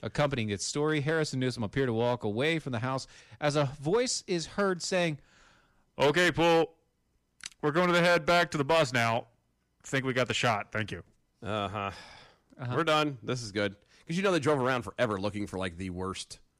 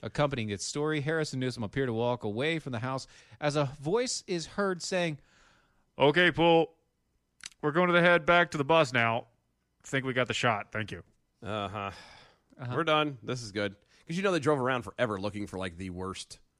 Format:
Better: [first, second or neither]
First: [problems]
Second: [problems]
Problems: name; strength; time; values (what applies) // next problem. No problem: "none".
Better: second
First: distortion; slight; 3% of the sound clipped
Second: none